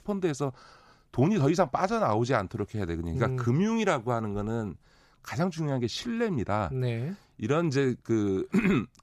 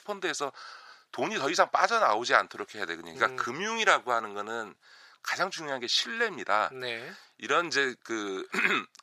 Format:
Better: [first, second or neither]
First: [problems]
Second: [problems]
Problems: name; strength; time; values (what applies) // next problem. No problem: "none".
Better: first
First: none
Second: thin; very; fading below 600 Hz